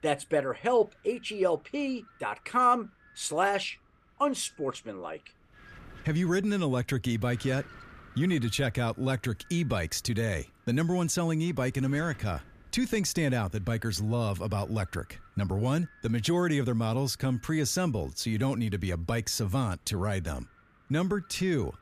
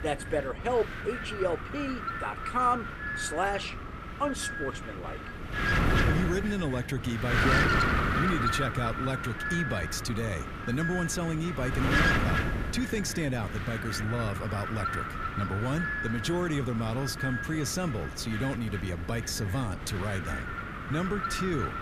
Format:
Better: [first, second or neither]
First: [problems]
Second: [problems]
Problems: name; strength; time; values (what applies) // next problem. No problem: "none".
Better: first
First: wind noise on the microphone; occasional gusts; 25 dB below the speech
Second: wind noise on the microphone; heavy; 2 dB above the speech